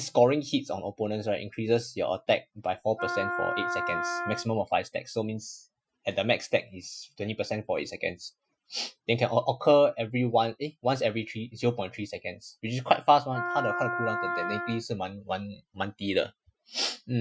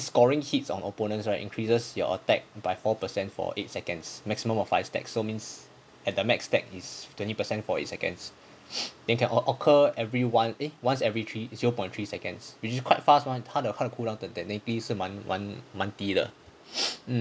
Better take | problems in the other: second | noise reduction (classical method Wiener filter)

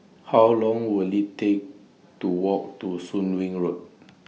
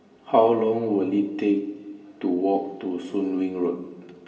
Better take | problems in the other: first | room echo; dies away in 1.7 s

